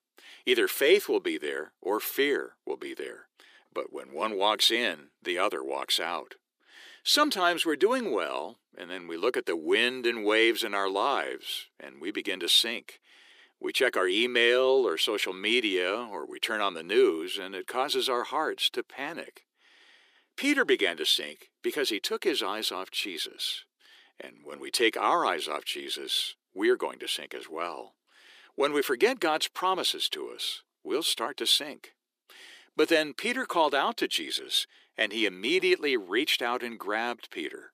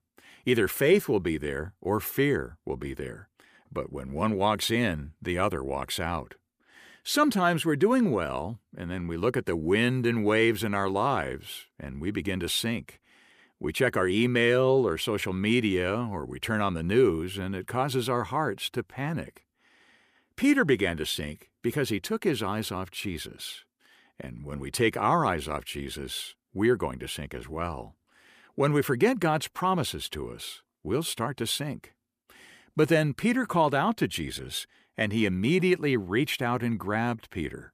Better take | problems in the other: second | thin; somewhat; fading below 350 Hz

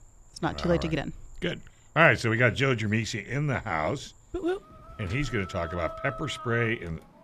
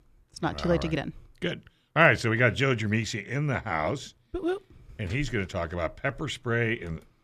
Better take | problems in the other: second | animal sounds; noticeable; throughout; 15 dB below the speech

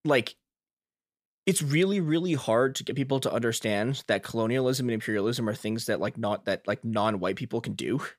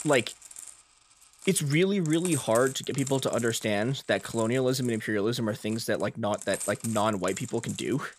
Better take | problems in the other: first | household noises; noticeable; throughout; 10 dB below the speech

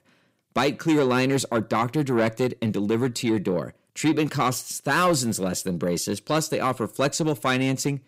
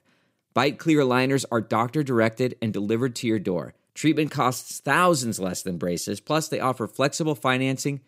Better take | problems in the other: second | distortion; slight; 10 dB below the speech

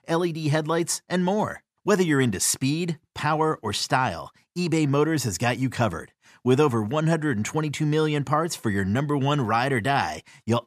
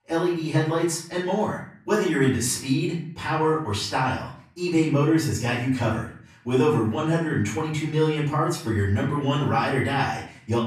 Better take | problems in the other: first | off-mic speech; far // room echo; noticeable; dies away in 0.5 s

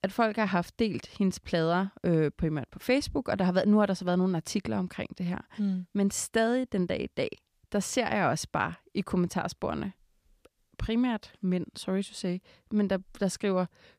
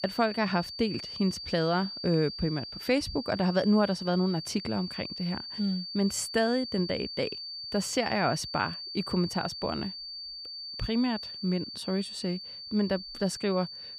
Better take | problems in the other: first | high-pitched whine; loud; throughout; 4.5 kHz, 8 dB below the speech

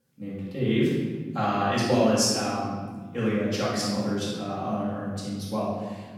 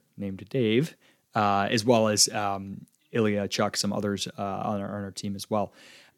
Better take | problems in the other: second | room echo; strong; dies away in 1.7 s // off-mic speech; far

